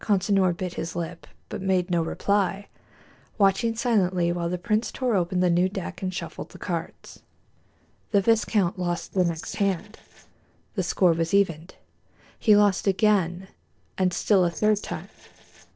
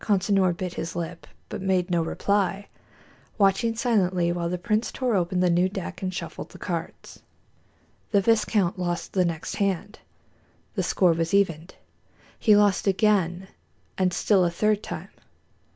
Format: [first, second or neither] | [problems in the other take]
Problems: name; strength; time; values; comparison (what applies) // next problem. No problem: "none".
second | noise reduction (neural separator model SepFormer DNS4)